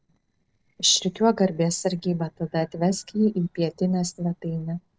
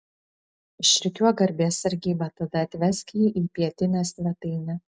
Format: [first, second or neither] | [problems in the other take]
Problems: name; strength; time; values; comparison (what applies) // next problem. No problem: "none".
second | noise reduction (neural separator model SepFormer DNS4)